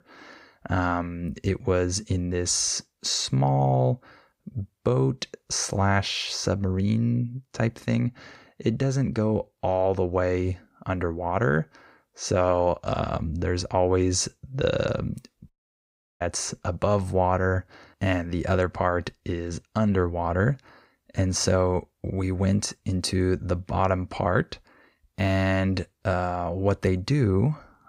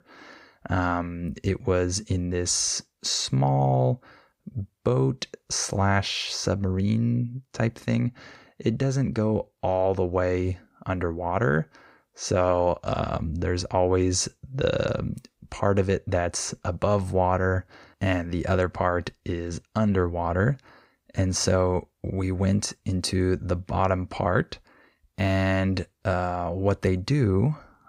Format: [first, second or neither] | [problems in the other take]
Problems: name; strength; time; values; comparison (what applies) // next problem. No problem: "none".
second | audio cutting out; at 16 s for 0.5 s